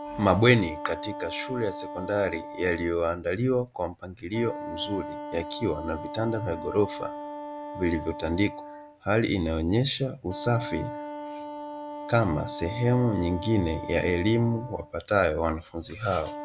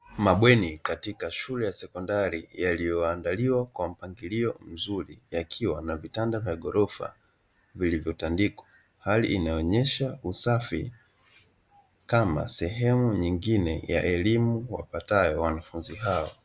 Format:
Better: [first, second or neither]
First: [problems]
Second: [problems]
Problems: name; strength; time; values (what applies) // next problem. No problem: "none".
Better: second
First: background sound (Wind instrument, woodwind instrument); 11 dB below the speech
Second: none